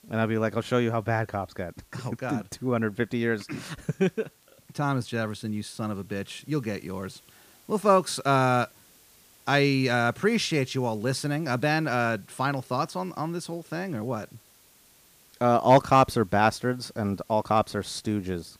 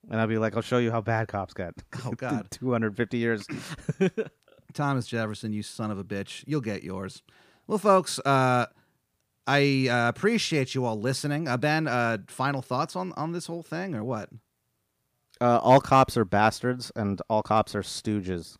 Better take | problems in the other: second | hiss; faint; throughout; 30 dB below the speech

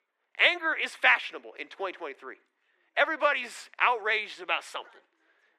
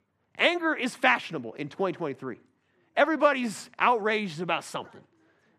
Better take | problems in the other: second | thin; very; fading below 350 Hz

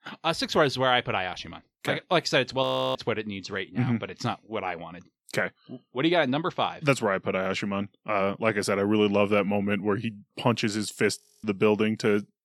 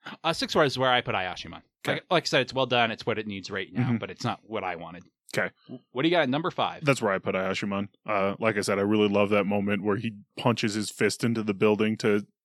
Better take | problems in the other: second | audio freezing; at 2.5 s and at 11 s

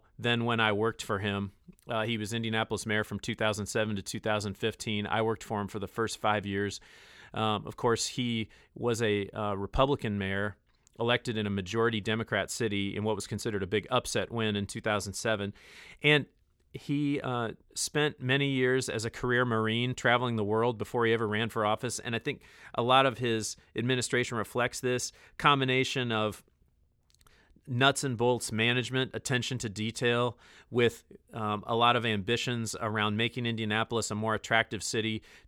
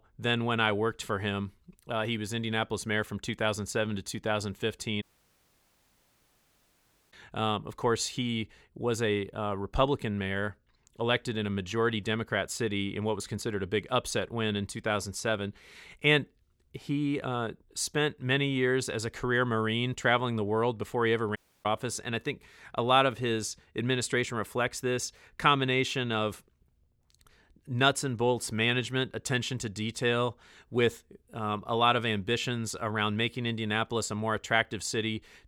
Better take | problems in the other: first | audio cutting out; at 5 s for 2 s and at 21 s

